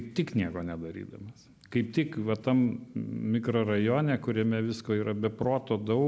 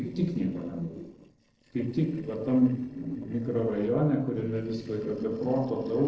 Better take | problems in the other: first | noise reduction (neural separator model SepFormer DNS4)

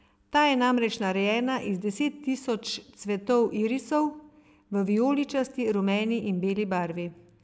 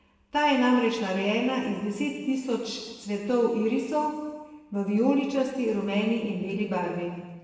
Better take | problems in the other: first | room echo; dies away in 1.2 s

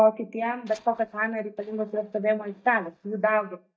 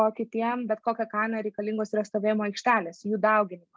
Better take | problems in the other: second | noise reduction (neural mask model DeepFilterNet 3)

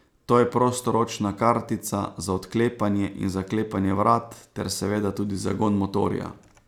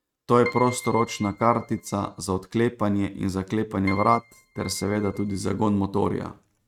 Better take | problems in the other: first | noise reduction (neural mask model RNNoise)

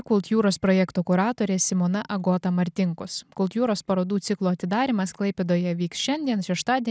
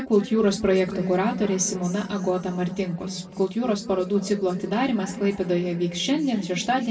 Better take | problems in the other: first | room echo; dies away in 2.5 s

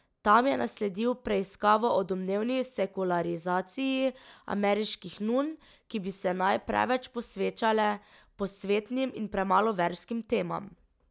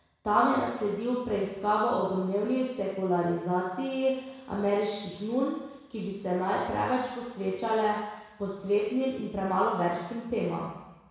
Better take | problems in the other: first | room echo; dies away in 1.1 s

